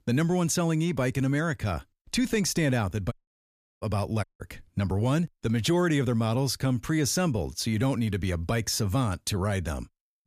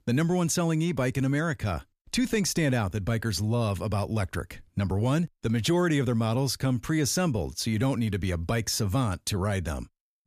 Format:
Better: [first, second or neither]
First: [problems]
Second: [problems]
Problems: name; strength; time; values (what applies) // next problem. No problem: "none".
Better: second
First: audio cutting out; at 3 s for 0.5 s and at 4 s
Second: none